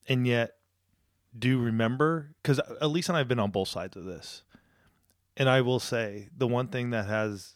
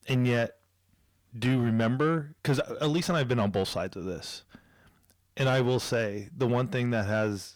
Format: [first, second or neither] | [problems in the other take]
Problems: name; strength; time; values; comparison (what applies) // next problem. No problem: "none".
first | distortion; slight; 10 dB below the speech